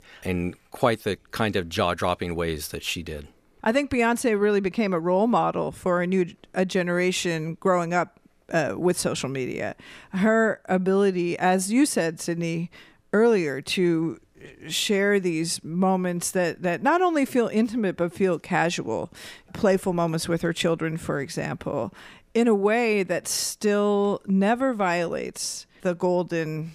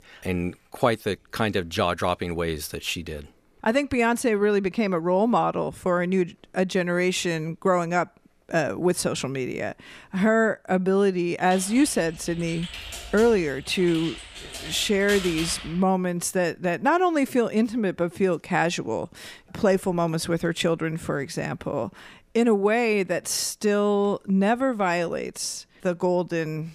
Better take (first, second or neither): first